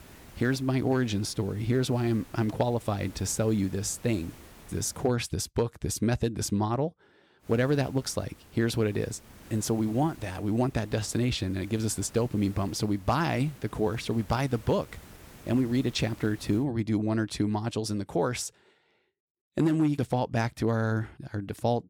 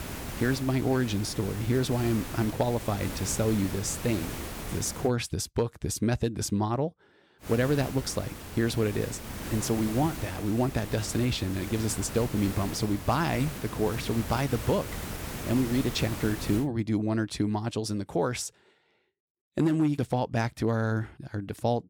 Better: first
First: hiss; faint; until 5 s and from 7.5 to 17 s; 20 dB below the speech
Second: hiss; loud; until 5 s and from 7.5 to 17 s; 9 dB below the speech

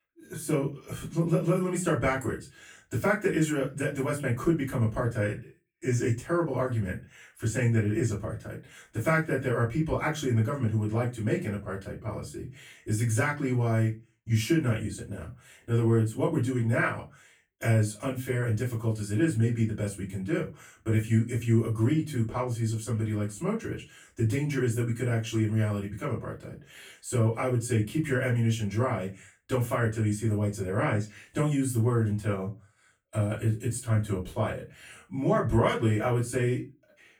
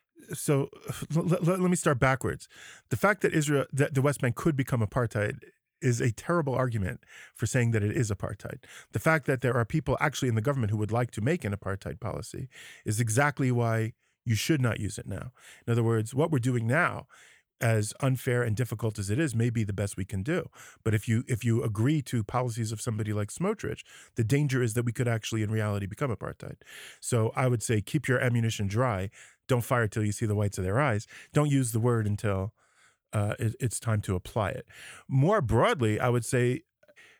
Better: second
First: off-mic speech; far // room echo; very slight; dies away in 0.2 s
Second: none

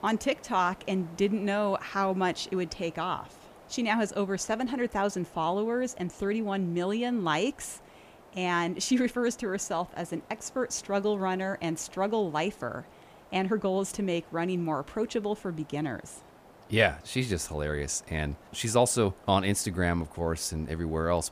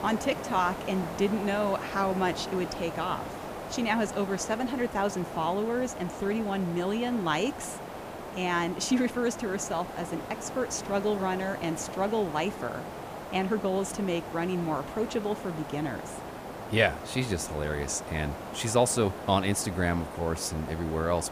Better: first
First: hiss; faint; throughout; 25 dB below the speech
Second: hiss; loud; throughout; 9 dB below the speech

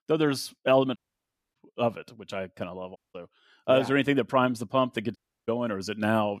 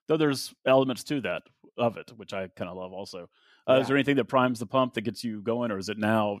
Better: second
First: audio cutting out; at 1 s for 0.5 s, at 3 s and at 5 s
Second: none

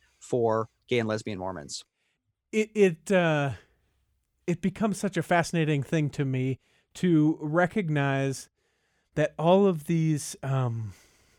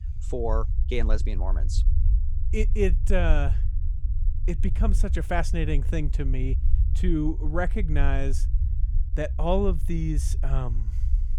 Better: first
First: none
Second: low rumble; noticeable; throughout; 15 dB below the speech

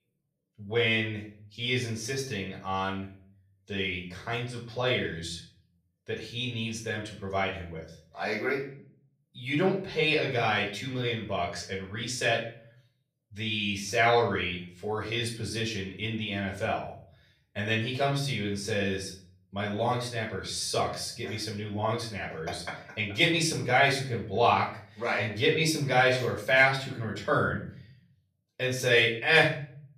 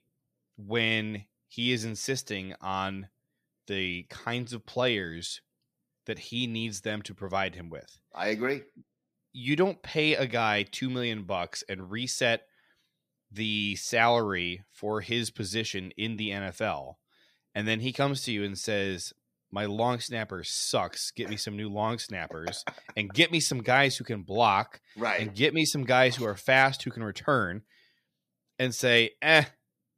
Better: second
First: room echo; slight; dies away in 0.5 s // off-mic speech; far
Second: none

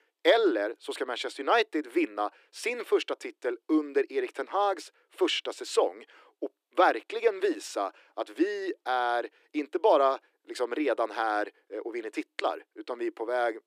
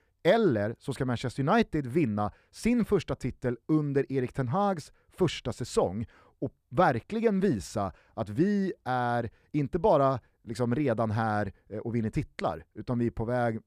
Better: second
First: thin; very; fading below 300 Hz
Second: none

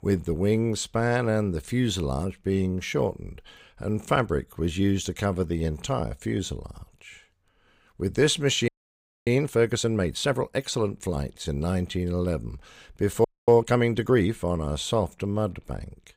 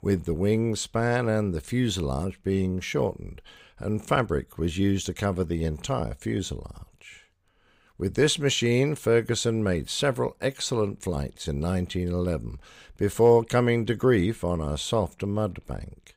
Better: second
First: audio freezing; at 8.5 s for 0.5 s and at 13 s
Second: none

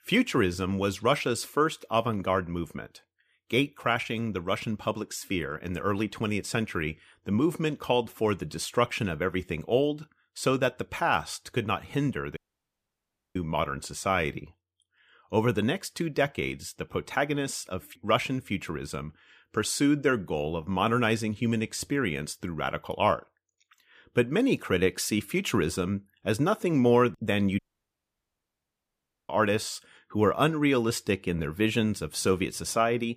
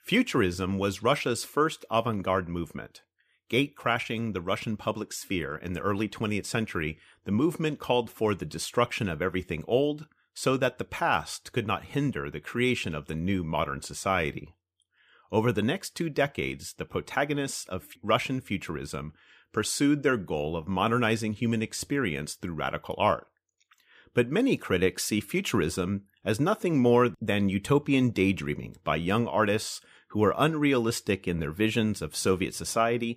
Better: second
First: audio cutting out; at 12 s for 1 s and at 28 s for 1.5 s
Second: none

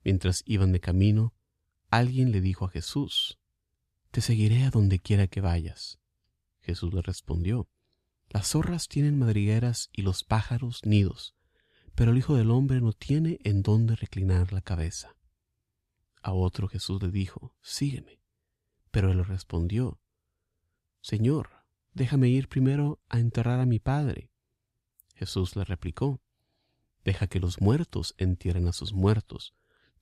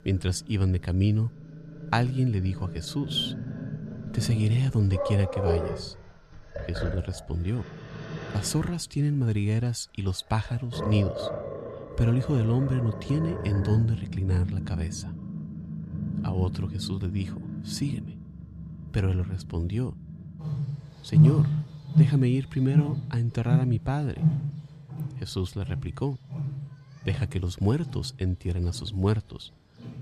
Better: first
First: none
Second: animal sounds; loud; throughout; 3 dB below the speech

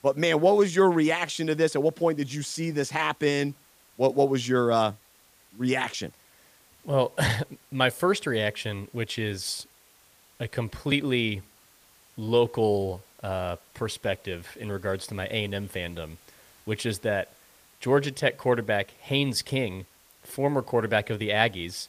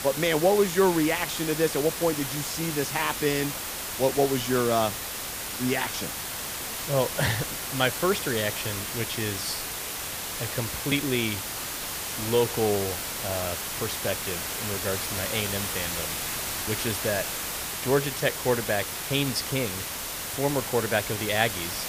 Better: first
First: hiss; faint; throughout; 30 dB below the speech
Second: hiss; loud; throughout; 3 dB below the speech

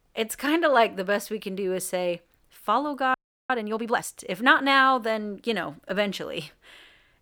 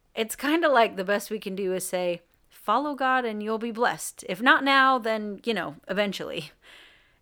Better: second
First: audio freezing; at 3 s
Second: none

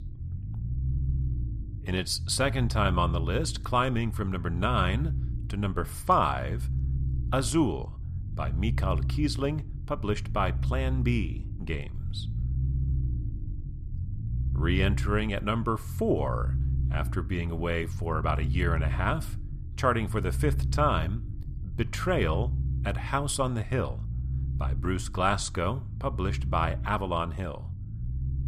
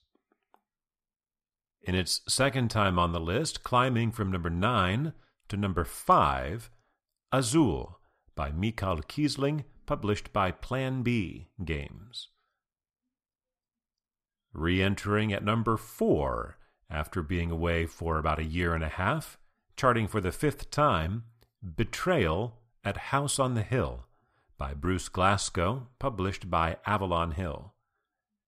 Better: second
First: low rumble; noticeable; throughout; 15 dB below the speech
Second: none

